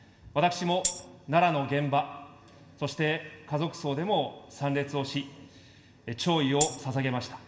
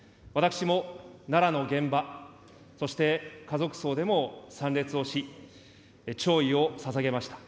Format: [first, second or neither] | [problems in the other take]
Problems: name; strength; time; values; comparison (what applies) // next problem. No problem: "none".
second | background sound (Tambourine); 2 dB below the speech // room echo; dies away in 0.3 s